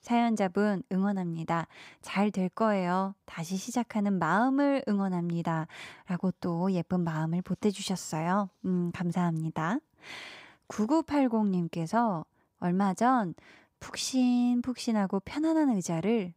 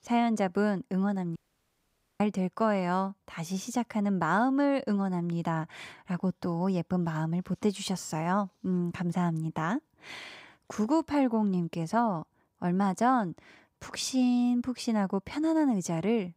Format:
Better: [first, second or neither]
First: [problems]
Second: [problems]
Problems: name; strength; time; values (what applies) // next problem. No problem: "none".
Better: first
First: none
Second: audio cutting out; at 1.5 s for 1 s